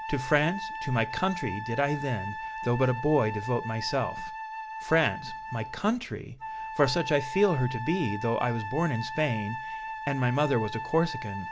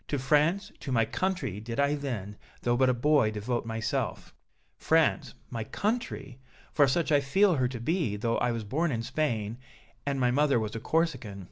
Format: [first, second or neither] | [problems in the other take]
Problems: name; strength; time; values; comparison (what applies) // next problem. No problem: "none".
second | background sound (Wind instrument, woodwind instrument); 8 dB below the speech